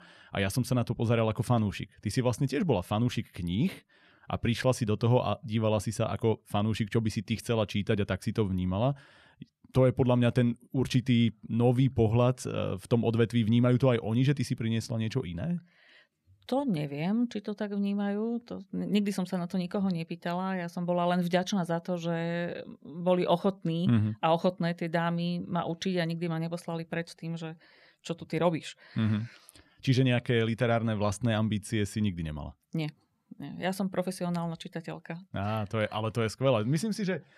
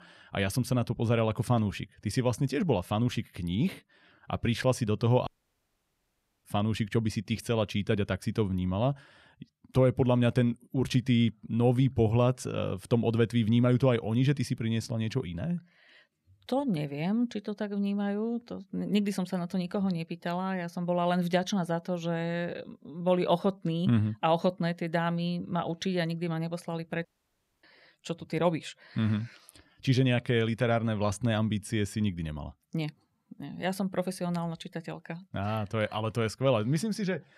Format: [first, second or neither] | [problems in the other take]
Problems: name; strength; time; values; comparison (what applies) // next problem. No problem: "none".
first | audio cutting out; at 5.5 s for 1 s and at 27 s for 0.5 s